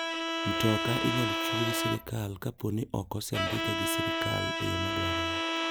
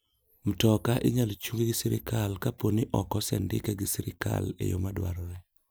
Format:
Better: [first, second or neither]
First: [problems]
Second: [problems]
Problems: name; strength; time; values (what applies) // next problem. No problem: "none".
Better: second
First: background sound (Bowed string instrument); 2 dB above the speech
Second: none